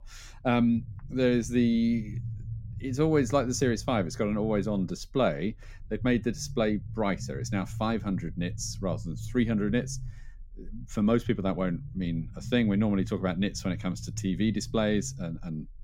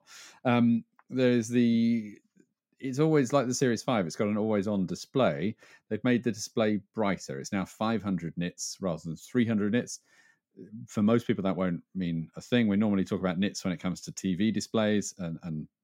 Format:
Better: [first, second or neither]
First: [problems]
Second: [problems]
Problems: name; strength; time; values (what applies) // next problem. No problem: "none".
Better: second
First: low rumble; faint; throughout; 20 dB below the speech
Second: none